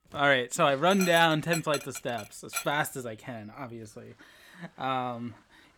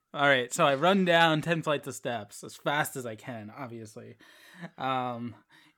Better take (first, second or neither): second